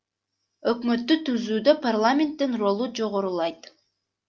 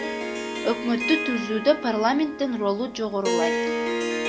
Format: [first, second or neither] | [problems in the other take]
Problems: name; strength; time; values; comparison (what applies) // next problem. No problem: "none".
first | background sound (Harp); 3 dB below the speech